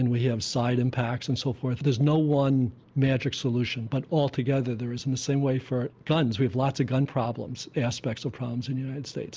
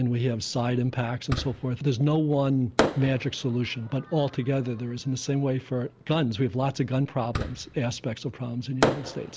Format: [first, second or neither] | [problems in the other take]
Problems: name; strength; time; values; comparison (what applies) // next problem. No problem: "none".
first | background sound (Fireworks); 8 dB below the speech